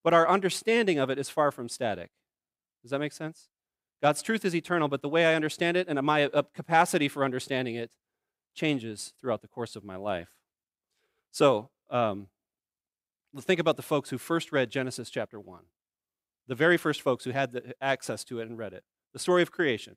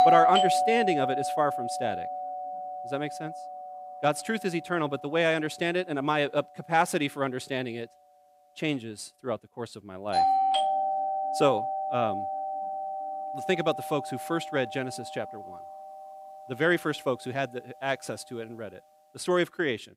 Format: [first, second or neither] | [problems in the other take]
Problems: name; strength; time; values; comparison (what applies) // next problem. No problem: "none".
first | alarms or sirens; loud; throughout; as loud as the speech